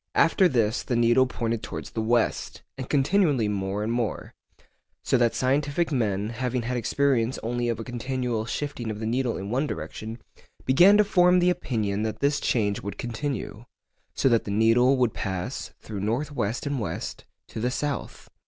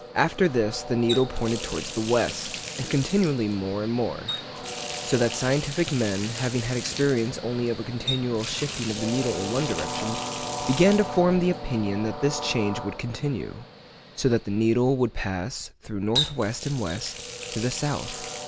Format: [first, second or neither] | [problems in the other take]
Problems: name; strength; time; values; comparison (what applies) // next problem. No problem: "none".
first | background sound (Water tap, faucet + Train); 8 dB below the speech